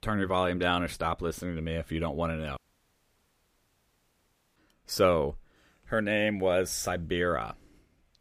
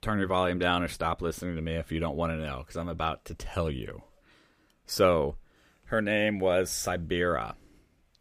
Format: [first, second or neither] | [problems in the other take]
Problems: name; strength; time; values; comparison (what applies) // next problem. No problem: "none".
second | audio cutting out; at 2.5 s for 2 s